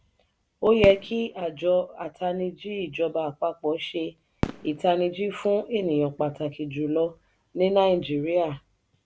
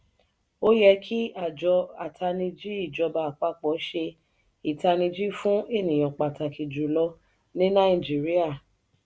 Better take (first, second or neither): second